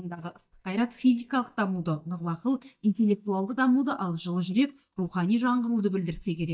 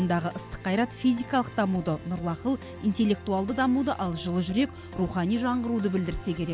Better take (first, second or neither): second